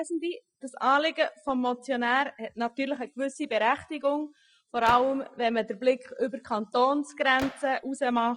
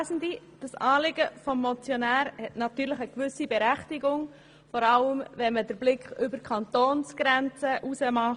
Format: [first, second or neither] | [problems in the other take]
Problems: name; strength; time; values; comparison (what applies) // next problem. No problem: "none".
second | noise reduction (classical method Wiener filter)